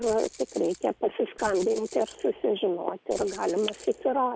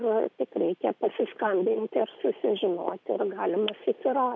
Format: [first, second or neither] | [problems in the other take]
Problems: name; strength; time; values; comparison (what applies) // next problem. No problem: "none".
second | background sound (Rattle (instrument)); 18 dB below the speech